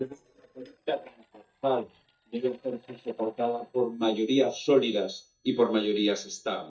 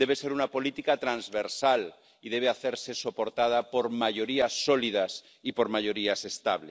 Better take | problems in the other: second | noise reduction (neural mask model DeepFilterNet 3)

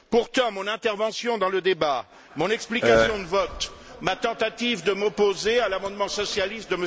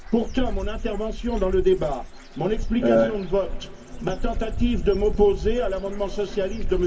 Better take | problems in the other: first | background sound (Bird / Dog); 4 dB below the speech // room echo; dies away in 0.3 s

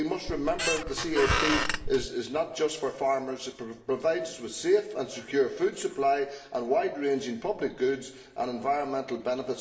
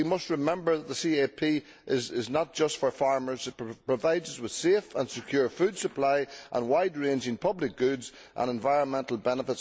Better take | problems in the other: second | background sound (Squeak); as loud as the speech // room echo; dies away in 0.8 s

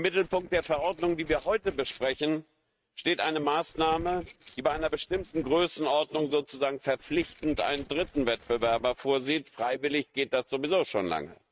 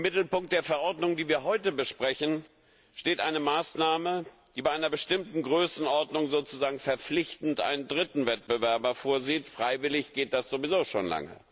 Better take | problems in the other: second | noise reduction (neural mask model RNNoise)

